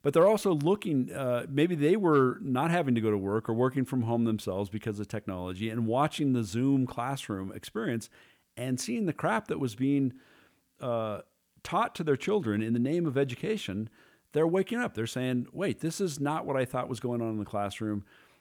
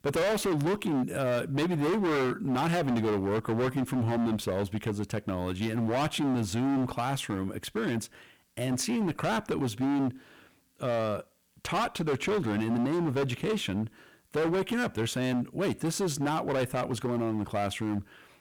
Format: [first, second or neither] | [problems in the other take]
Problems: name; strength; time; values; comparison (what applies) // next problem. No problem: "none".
first | distortion; heavy; 22% of the sound clipped